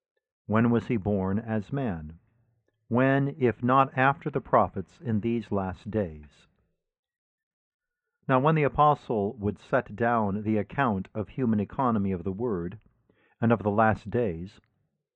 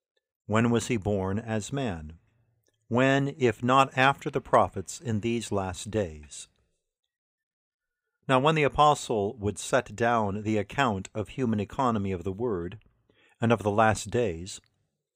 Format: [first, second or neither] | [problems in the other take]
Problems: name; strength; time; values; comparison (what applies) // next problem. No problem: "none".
second | muffled; very; fading above 1.5 kHz